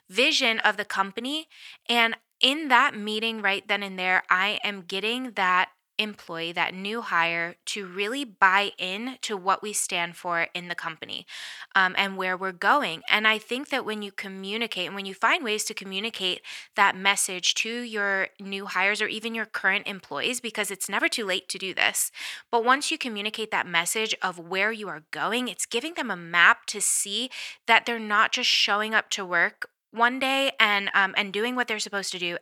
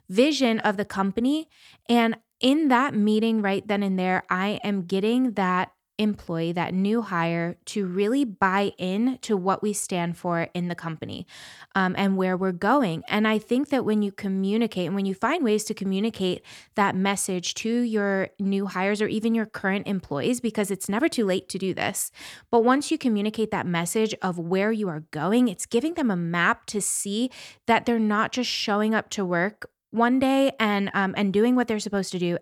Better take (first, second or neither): second